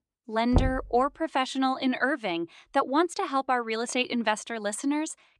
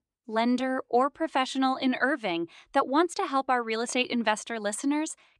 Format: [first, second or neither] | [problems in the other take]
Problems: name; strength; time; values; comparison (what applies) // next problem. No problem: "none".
second | door banging; noticeable; at 0.5 s; peak 1 dB below the speech